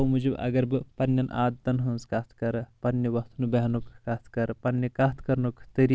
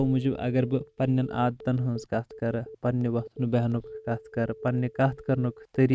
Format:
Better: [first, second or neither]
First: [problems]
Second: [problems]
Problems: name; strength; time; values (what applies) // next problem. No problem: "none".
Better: first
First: none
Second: noise reduction (neural mask model RNNoise)